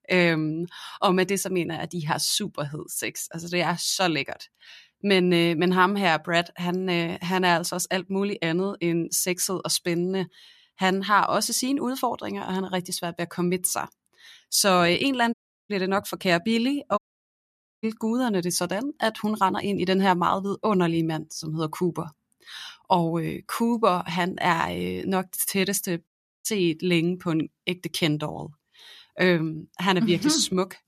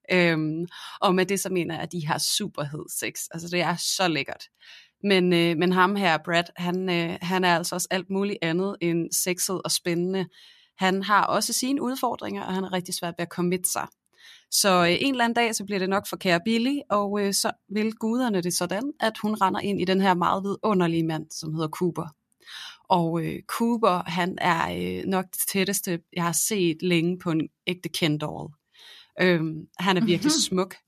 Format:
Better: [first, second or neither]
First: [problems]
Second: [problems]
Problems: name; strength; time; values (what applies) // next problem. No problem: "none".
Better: second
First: audio cutting out; at 15 s, at 17 s for 1 s and at 26 s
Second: none